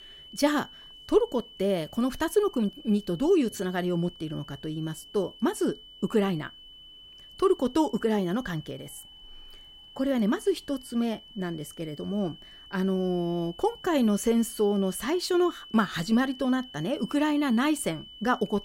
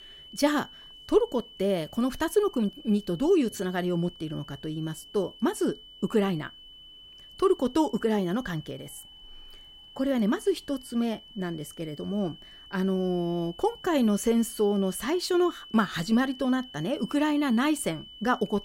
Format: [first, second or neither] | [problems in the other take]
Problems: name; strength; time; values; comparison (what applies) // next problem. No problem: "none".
neither | high-pitched whine; noticeable; throughout; 3 kHz, 20 dB below the speech; the same in both